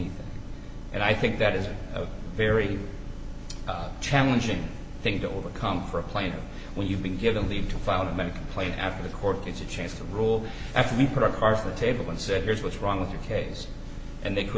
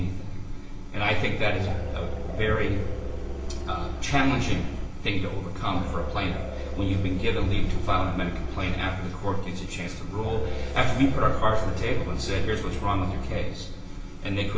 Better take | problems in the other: first | background sound (Musical instrument); 9 dB below the speech // room echo; dies away in 0.8 s

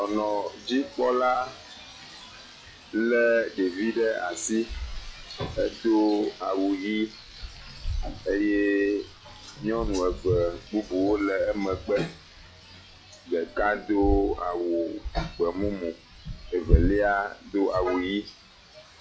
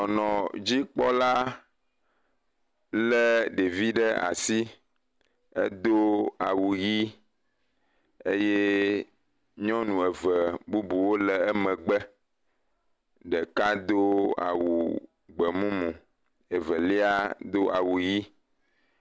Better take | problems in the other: second | noise reduction (classical method log-MMSE)

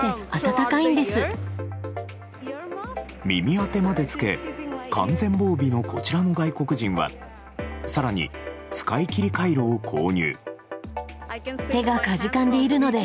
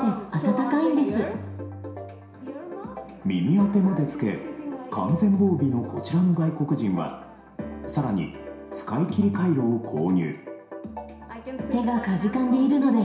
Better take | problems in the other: first | room echo; dies away in 0.7 s

